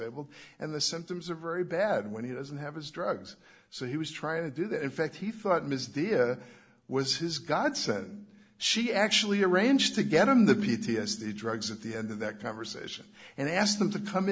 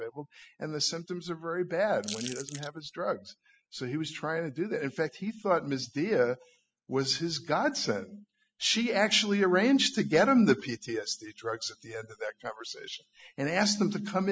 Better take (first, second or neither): first